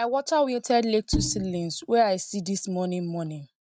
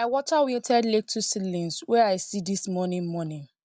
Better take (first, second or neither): second